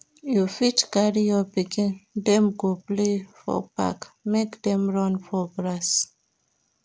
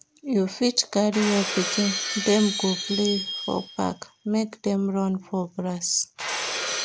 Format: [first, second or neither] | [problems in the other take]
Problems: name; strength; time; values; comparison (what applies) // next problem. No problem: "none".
first | background sound (Shatter); 7 dB below the speech